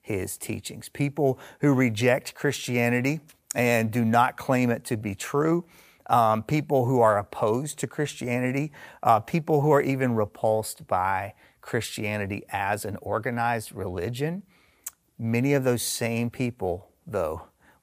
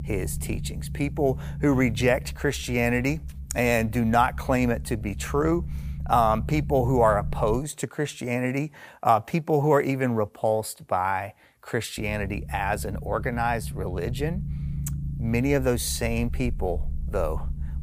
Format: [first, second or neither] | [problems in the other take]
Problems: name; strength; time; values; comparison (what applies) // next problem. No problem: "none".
first | low rumble; faint; until 7.5 s and from 12 s on; 20 dB below the speech